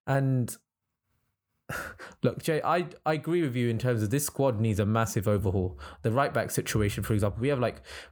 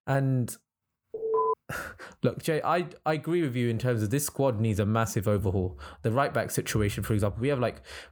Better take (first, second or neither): first